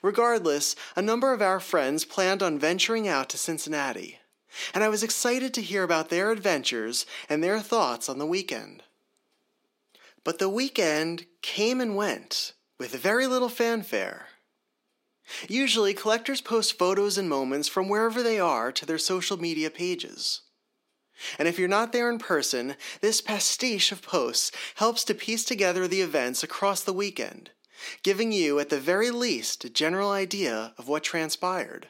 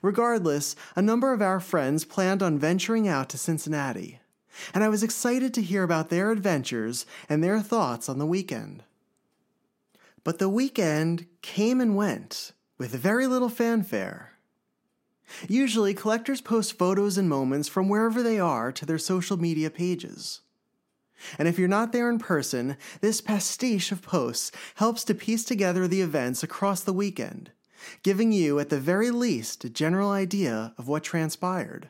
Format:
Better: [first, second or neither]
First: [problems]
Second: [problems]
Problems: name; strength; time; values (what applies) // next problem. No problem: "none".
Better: second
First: thin; somewhat; fading below 400 Hz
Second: none